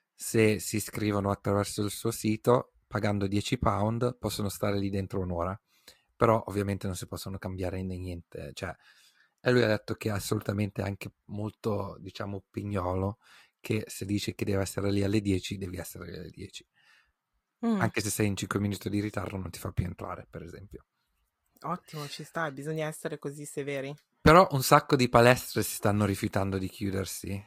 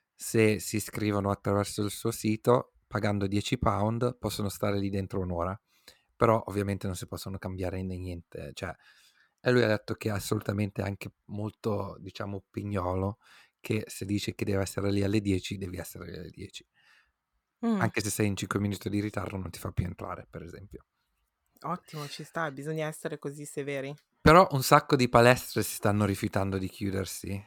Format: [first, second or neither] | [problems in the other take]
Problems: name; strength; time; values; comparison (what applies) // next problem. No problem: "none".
second | garbled, watery; slightly; nothing above 14.5 kHz